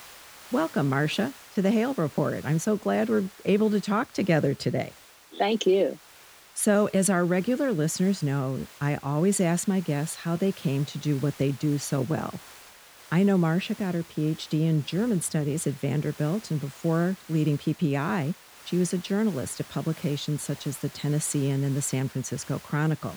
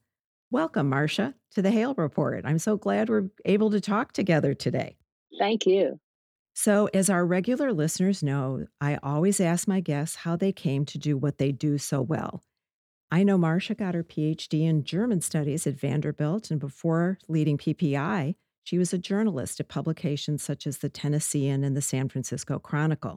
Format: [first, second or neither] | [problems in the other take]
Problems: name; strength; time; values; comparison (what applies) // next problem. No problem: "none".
second | hiss; noticeable; throughout; 20 dB below the speech